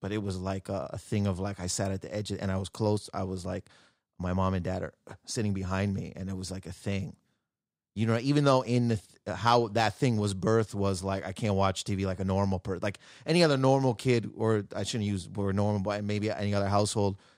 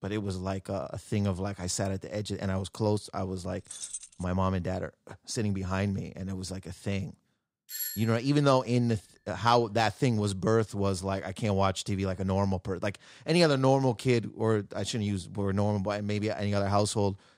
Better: first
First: none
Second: jangling keys; noticeable; at 3.5 s; peak 8 dB below the speech // doorbell; noticeable; at 7.5 s; peak 5 dB below the speech

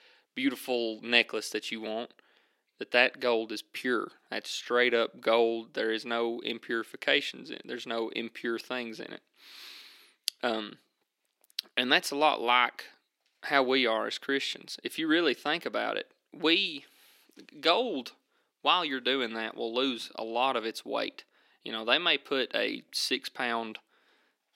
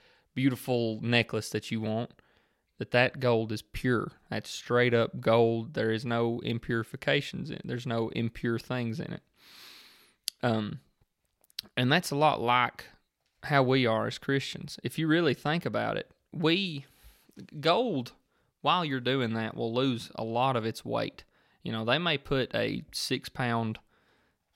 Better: second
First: thin; very slightly; fading below 300 Hz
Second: none

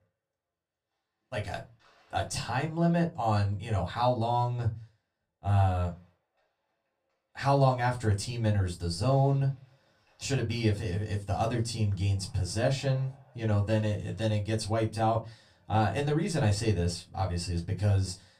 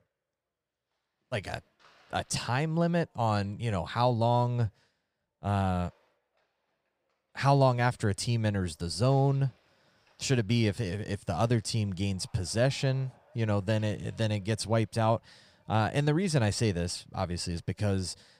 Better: second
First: off-mic speech; far // room echo; very slight; dies away in 0.2 s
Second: none

